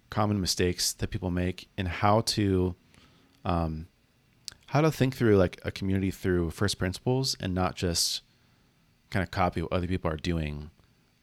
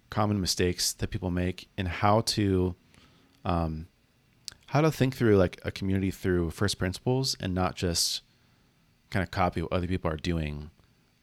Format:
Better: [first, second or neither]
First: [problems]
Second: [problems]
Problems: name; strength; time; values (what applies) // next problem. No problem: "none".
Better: neither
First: none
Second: none